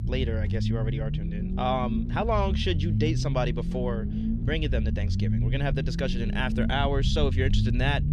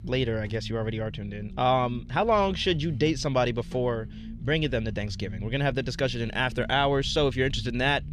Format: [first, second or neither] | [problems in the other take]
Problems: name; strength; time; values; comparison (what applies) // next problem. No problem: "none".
second | low rumble; loud; throughout; 9 dB below the speech; faint in the second